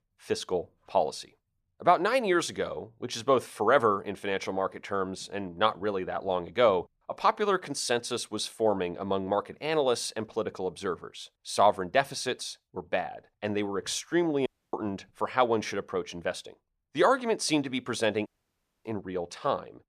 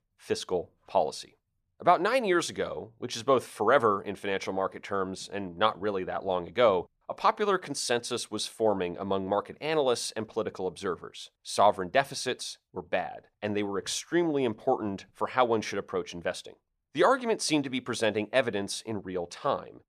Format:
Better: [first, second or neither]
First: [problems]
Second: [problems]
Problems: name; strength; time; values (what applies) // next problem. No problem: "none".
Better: second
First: audio cutting out; at 14 s and at 18 s for 0.5 s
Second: none